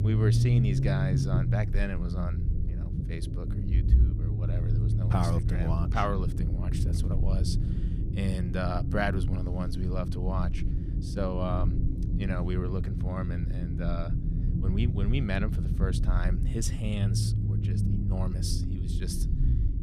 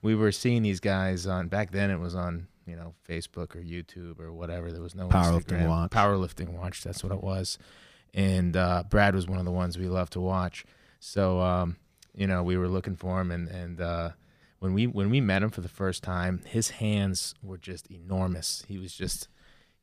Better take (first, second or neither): second